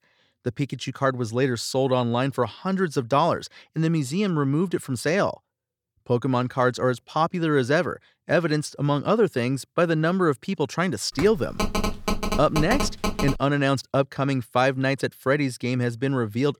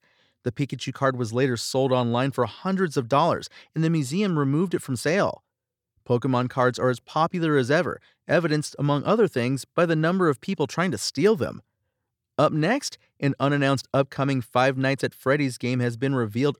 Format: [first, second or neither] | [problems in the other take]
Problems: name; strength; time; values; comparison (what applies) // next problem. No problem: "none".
second | phone ringing; noticeable; from 11 to 13 s; peak 2 dB below the speech